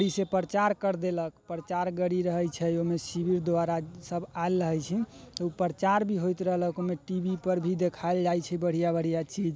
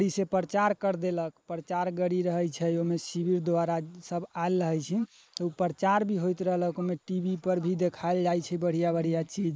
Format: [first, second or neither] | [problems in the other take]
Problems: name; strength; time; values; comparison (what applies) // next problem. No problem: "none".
first | noise reduction (neural mask model Resemble Enhance denoiser)